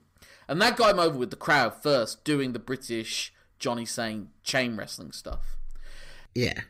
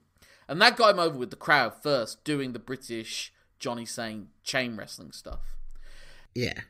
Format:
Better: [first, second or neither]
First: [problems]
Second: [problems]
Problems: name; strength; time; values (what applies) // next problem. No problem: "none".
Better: second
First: distortion; heavy; 8 dB below the speech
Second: none